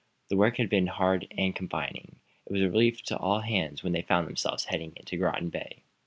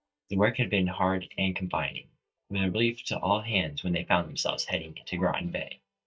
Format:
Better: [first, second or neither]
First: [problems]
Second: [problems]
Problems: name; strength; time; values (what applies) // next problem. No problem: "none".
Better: first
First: none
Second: noise reduction (neural mask model DeepFilterNet 3)